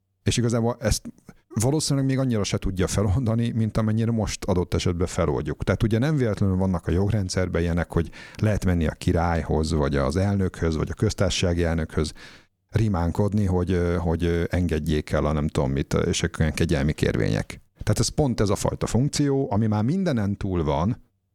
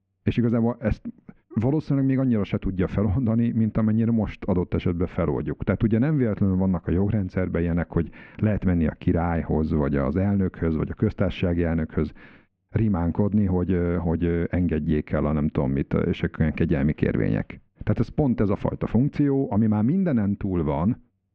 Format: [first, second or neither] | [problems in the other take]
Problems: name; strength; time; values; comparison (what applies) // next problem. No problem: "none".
first | muffled; very; fading above 2.5 kHz